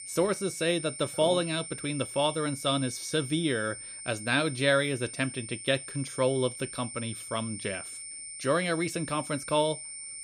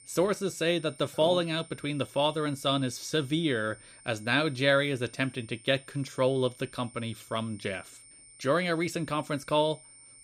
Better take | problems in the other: second | high-pitched whine; loud; throughout; 9 kHz, 9 dB below the speech; faint in the second

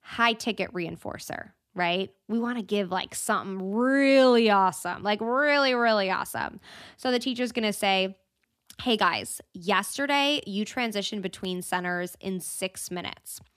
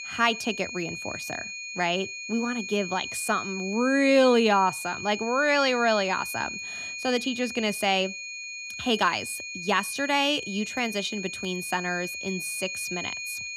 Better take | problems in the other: first | high-pitched whine; loud; throughout; 2.5 kHz, 7 dB below the speech

